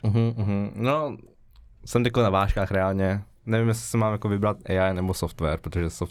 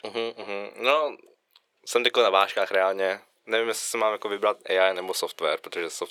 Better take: first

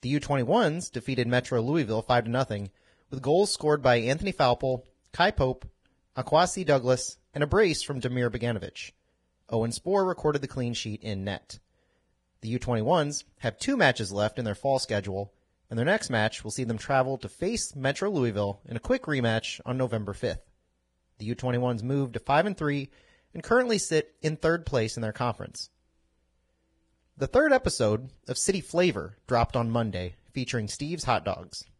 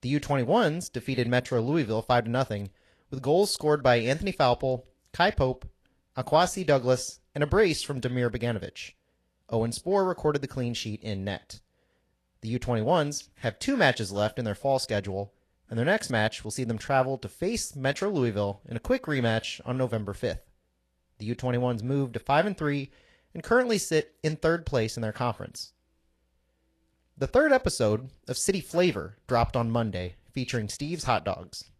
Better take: second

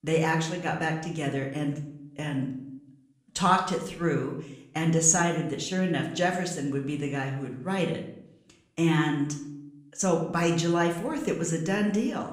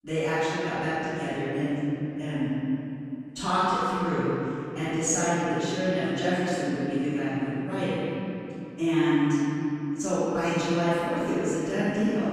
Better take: first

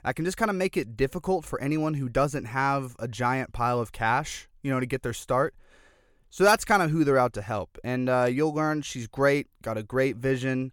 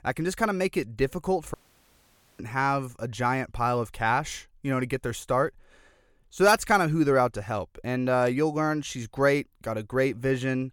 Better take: first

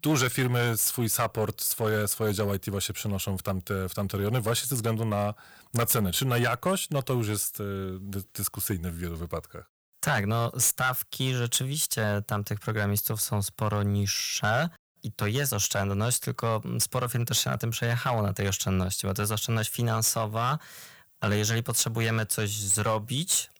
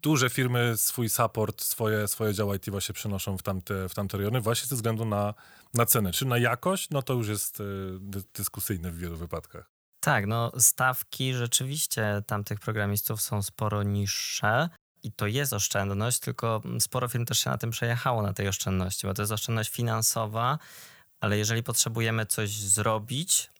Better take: second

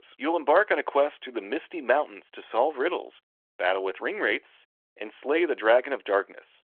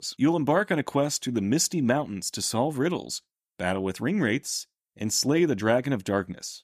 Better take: second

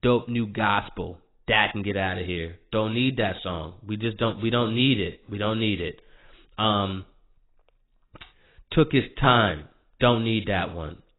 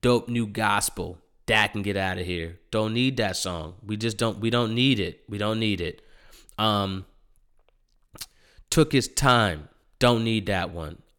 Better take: second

